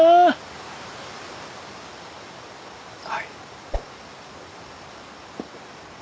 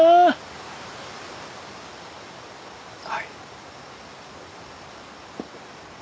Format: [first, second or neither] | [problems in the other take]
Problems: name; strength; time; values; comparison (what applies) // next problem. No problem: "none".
second | background sound (Whoosh, swoosh, swish); 6 dB below the speech